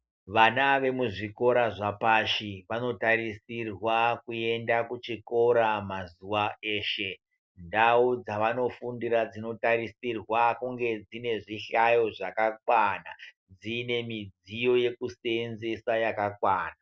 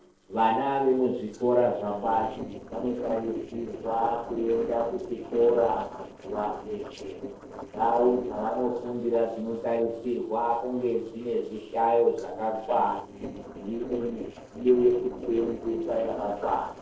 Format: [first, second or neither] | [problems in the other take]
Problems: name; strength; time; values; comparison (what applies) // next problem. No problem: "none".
first | noise reduction (neural separator model SepFormer DNS4)